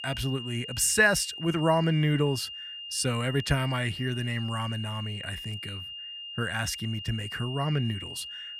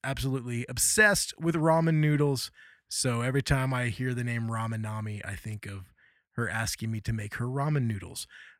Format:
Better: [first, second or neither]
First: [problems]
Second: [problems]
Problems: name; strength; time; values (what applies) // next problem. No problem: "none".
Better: second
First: high-pitched whine; loud; throughout; 3 kHz, 9 dB below the speech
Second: none